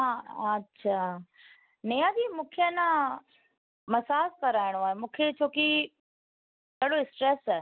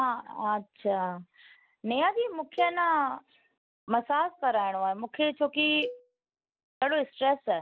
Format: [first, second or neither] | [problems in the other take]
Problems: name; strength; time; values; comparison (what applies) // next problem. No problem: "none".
first | background sound (Cowbell); 15 dB below the speech